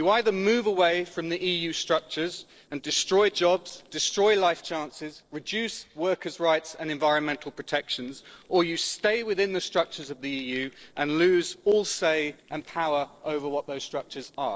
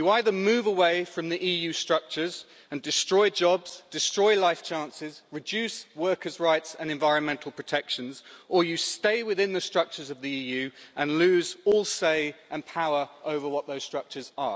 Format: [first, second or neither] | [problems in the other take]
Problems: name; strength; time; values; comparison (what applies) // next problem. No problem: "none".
second | noise reduction (neural separator model SepFormer DNS4)